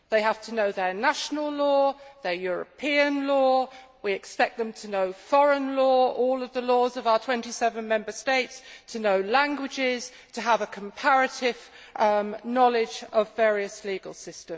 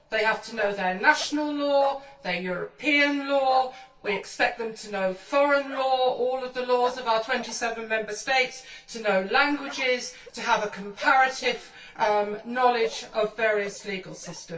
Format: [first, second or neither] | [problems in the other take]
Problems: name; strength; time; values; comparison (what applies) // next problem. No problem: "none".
first | noise reduction (neural separator model SepFormer DNS4)